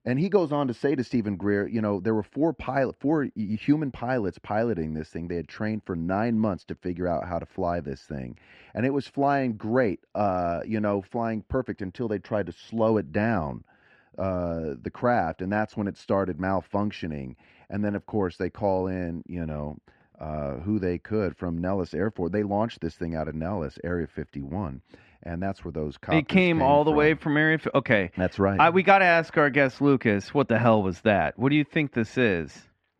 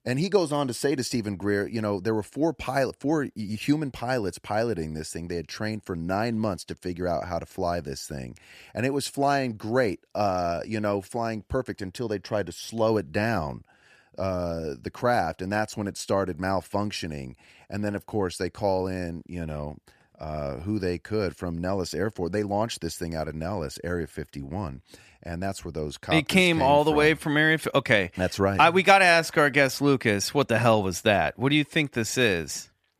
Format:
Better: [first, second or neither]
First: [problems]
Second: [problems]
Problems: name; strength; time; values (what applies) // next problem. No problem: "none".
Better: second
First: muffled; slightly; fading above 2.5 kHz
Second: none